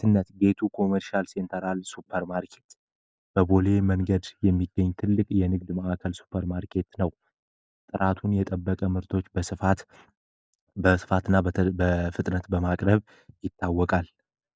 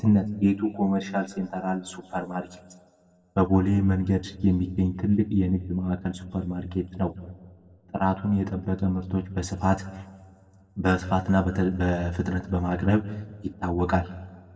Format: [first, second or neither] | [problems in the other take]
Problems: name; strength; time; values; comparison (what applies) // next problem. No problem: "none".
first | room echo; dies away in 1.1 s